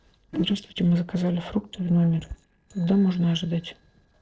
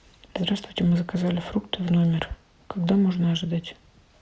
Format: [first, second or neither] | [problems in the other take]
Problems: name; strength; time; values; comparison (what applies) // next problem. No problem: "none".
second | noise reduction (neural separator model SepFormer DNS4)